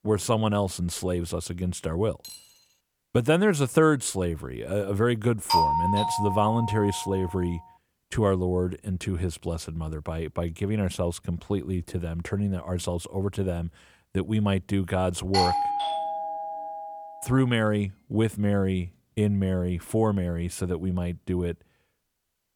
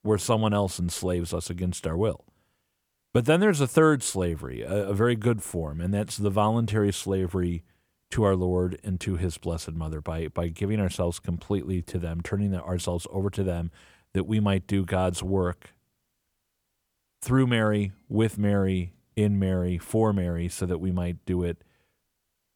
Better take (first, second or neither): second